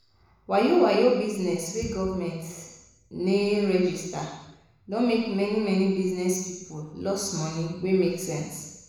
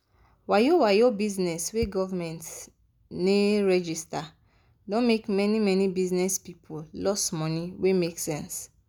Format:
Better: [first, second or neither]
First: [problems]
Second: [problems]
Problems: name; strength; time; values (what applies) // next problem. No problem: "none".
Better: second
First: room echo; dies away in 0.9 s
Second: none